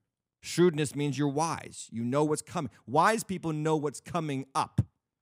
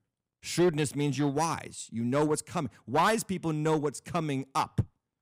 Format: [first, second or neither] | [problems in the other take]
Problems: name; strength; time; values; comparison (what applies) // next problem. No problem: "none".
first | distortion; slight; 3% of the sound clipped